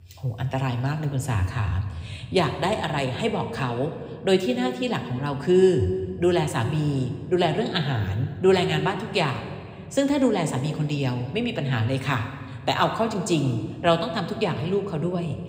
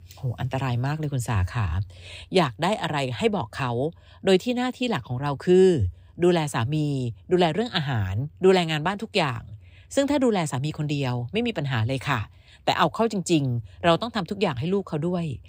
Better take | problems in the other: second | room echo; slight; dies away in 1.4 s

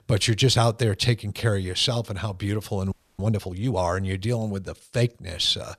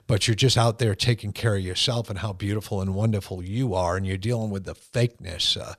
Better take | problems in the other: second | audio freezing; at 3 s

